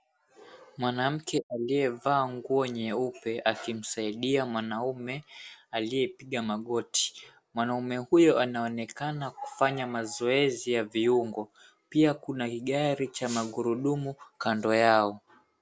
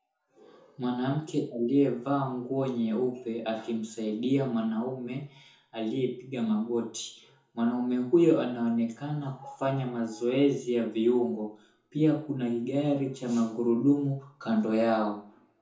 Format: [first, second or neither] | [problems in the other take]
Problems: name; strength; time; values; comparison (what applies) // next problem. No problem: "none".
first | room echo; dies away in 0.7 s